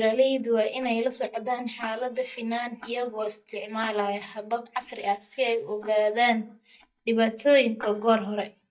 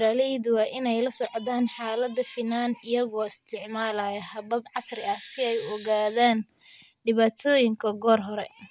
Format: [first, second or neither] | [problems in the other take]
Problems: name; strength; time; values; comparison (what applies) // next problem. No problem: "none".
second | noise reduction (neural mask model DeepFilterNet 3)